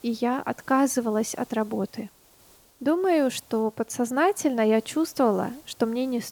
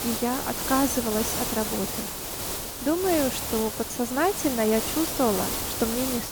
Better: first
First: hiss; faint; throughout; 25 dB below the speech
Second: hiss; loud; throughout; 2 dB below the speech

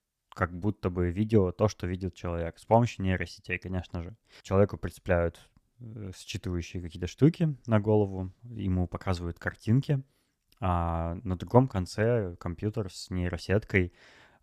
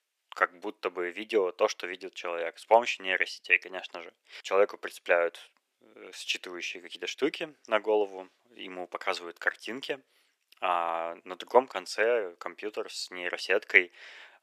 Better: first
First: none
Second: thin; very; fading below 400 Hz

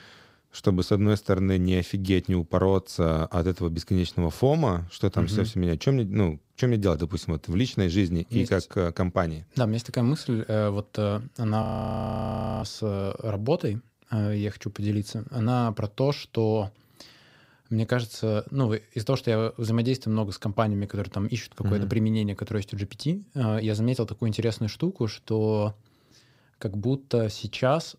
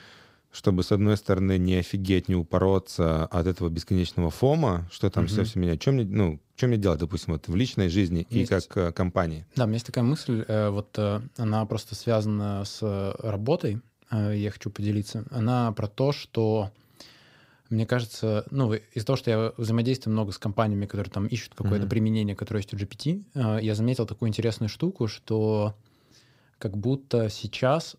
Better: second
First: audio freezing; at 12 s for 1 s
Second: none

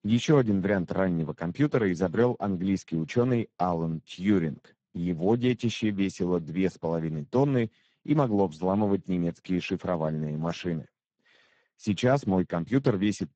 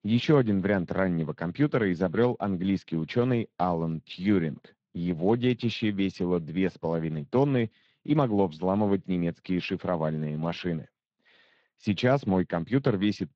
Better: second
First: garbled, watery; badly; nothing above 7.5 kHz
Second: garbled, watery; slightly

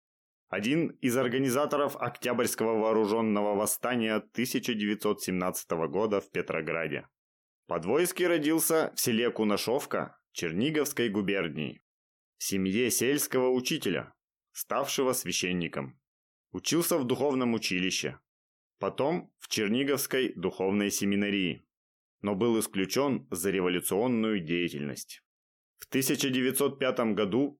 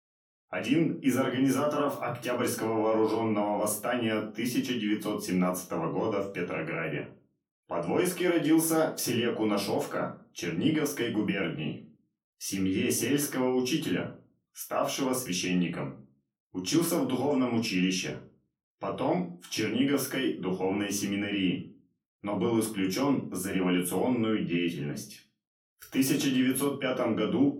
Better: first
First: none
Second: off-mic speech; far // room echo; slight; dies away in 0.3 s

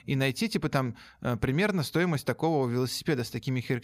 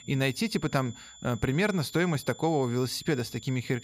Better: first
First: none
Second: high-pitched whine; noticeable; throughout; 3.5 kHz, 20 dB below the speech

